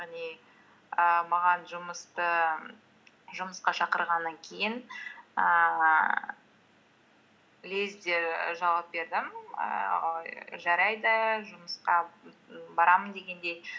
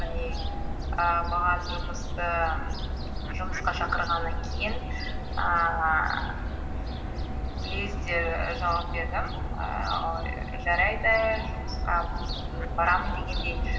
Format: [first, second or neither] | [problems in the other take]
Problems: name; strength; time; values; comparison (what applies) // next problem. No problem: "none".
first | background sound (Fowl); 1 dB below the speech // room echo; dies away in 1.8 s